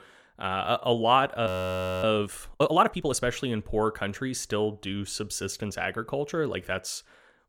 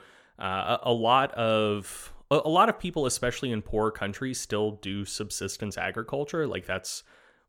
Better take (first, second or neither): second